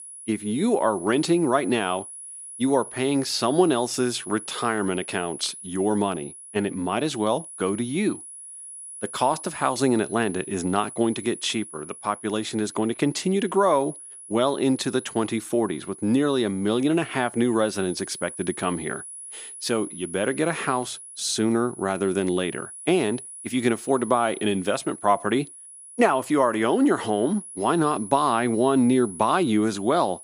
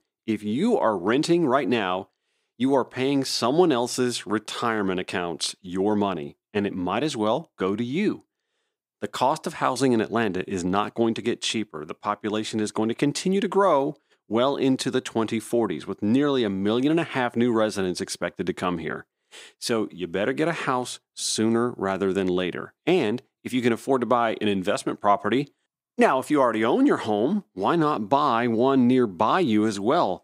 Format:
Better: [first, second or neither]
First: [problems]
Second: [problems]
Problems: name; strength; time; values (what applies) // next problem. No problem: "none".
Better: second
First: high-pitched whine; noticeable; throughout; 10.5 kHz, 15 dB below the speech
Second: none